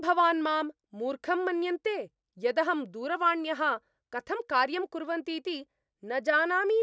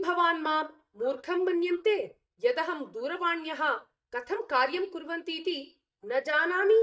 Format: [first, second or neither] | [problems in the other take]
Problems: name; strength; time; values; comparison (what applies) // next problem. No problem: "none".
first | noise reduction (neural mask model DeepFilterNet 3)